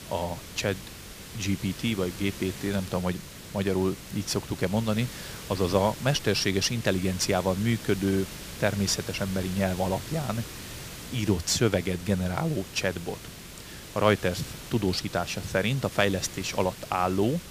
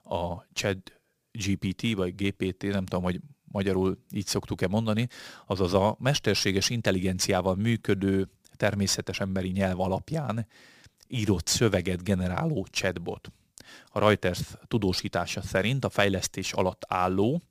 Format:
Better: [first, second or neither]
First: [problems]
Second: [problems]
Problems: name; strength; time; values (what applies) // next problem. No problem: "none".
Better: second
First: hiss; noticeable; throughout; 10 dB below the speech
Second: none